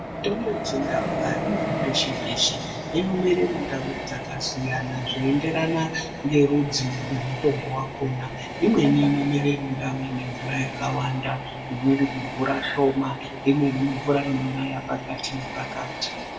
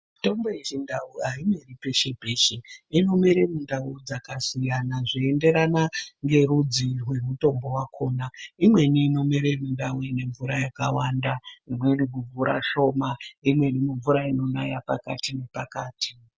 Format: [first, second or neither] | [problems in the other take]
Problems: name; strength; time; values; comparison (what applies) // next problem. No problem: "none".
second | background sound (Train); 7 dB below the speech // room echo; dies away in 1.3 s